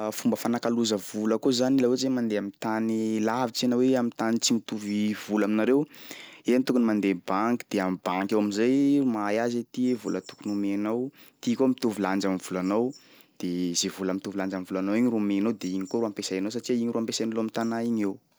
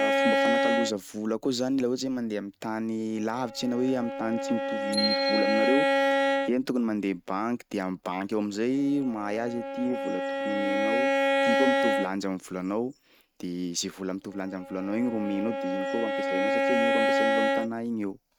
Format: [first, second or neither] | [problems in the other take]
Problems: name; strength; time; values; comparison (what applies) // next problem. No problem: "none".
first | noise reduction (neural mask model RNNoise)